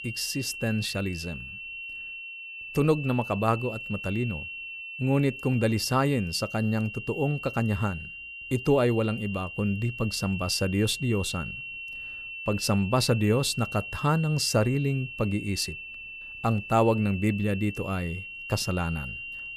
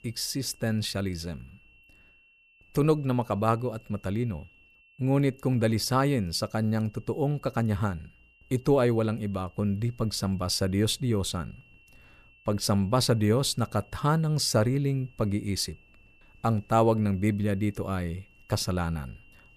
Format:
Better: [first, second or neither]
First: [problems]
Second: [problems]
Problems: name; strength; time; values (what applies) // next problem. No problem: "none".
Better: second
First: high-pitched whine; loud; throughout; 2.5 kHz, 9 dB below the speech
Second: high-pitched whine; faint; throughout; 2.5 kHz, 30 dB below the speech